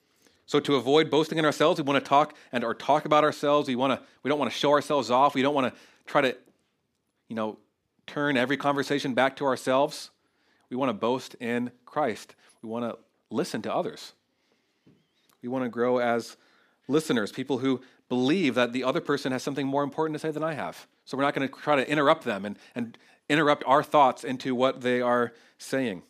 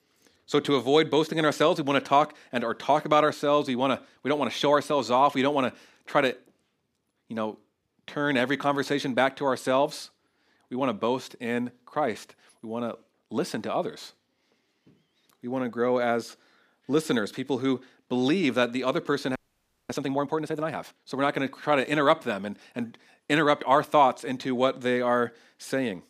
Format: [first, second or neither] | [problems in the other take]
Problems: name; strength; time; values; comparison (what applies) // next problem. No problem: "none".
first | audio freezing; at 19 s for 0.5 s